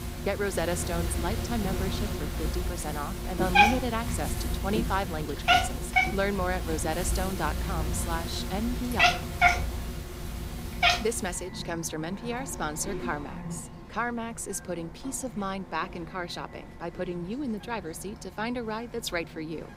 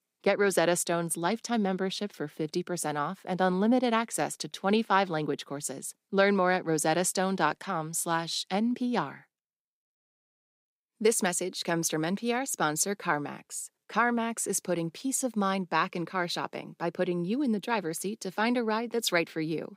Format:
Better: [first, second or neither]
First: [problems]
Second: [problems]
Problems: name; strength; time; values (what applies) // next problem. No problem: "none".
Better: second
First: animal sounds; very loud; throughout; 4 dB above the speech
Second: none